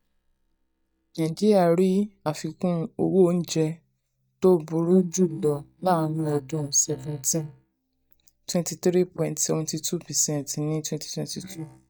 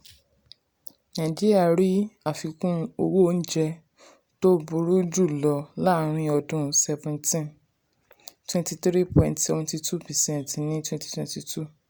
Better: second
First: noise reduction (neural mask model DeepFilterNet 3)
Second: none

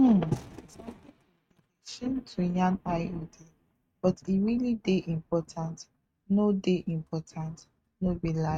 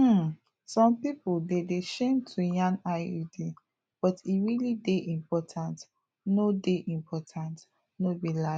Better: second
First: noise reduction (neural mask model RNNoise)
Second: none

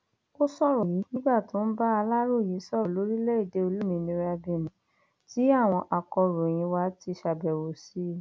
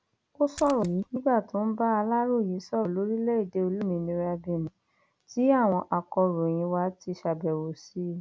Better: first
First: none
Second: background sound (Splash, splatter); 19 dB below the speech

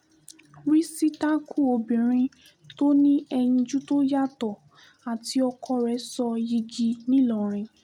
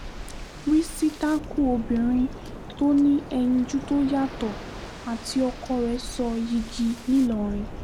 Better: first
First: none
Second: background sound (Waves, surf); 12 dB below the speech

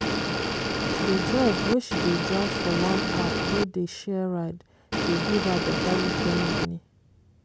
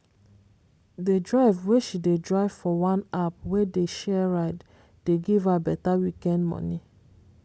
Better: second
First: background sound (Motor vehicle (road) / Engine); 2 dB above the speech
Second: none

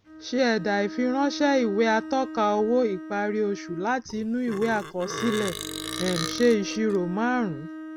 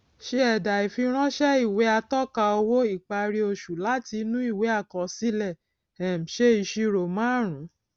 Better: second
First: background sound (Burping, eructation + Bowed string instrument); 10 dB below the speech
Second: none

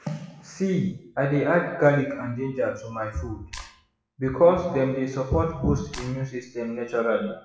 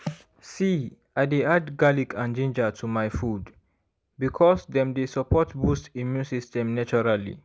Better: second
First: noise reduction (classical method WPE with log-MMSE)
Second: none

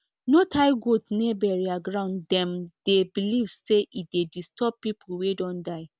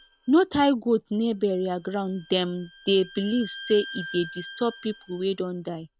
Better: first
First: none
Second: background sound (Bowed string instrument); 18 dB below the speech

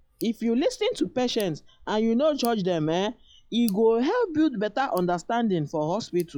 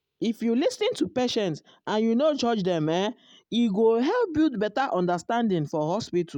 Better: second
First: noise reduction (classical method log-MMSE)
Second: none

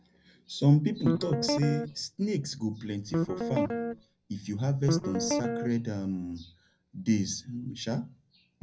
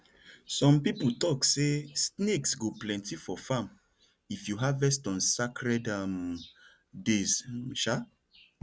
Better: second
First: background sound (Guitar); 1 dB below the speech // room echo; dies away in 0.4 s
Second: none

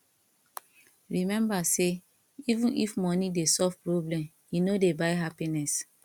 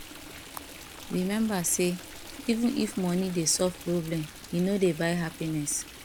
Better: first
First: none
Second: background sound (Stream); 15 dB below the speech

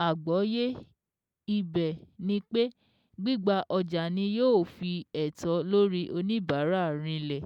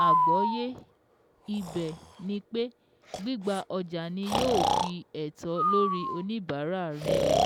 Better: first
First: none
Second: background sound (Breathing); 3 dB above the speech

